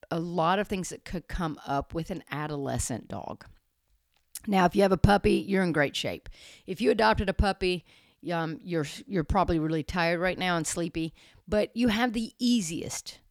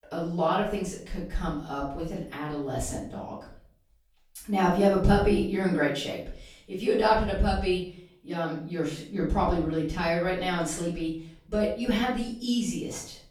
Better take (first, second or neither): first